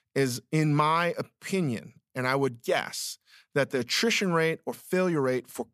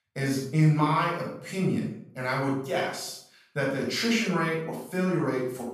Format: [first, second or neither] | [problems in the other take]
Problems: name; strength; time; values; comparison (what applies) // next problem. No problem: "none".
first | off-mic speech; far // room echo; noticeable; dies away in 0.5 s